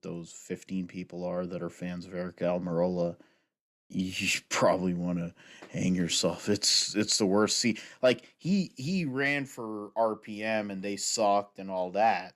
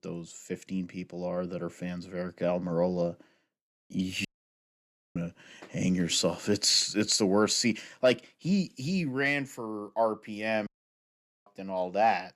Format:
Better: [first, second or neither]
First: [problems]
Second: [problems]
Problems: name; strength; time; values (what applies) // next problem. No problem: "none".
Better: first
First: none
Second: audio cutting out; at 4.5 s for 1 s and at 11 s for 1 s